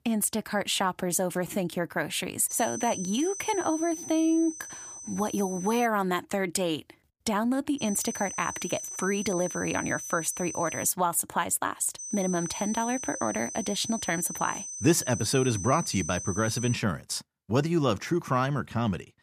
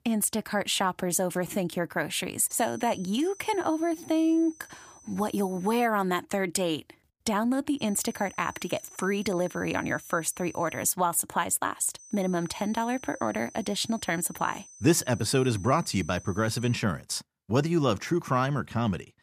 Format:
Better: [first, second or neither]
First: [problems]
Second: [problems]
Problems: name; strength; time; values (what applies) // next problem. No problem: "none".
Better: second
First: high-pitched whine; loud; from 2.5 to 6 s, from 8 to 11 s and from 12 to 17 s; 6 kHz, 8 dB below the speech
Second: high-pitched whine; faint; from 2.5 to 6 s, from 8 to 11 s and from 12 to 17 s; 6 kHz, 20 dB below the speech